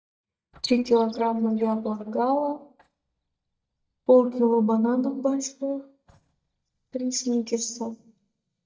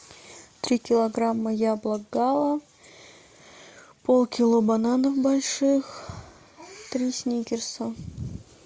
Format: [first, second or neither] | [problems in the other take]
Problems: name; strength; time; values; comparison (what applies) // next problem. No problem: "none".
second | noise reduction (neural mask model DeepFilterNet 3)